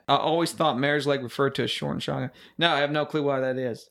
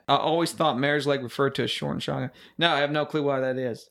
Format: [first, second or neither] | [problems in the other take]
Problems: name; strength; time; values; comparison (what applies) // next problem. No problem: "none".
neither | none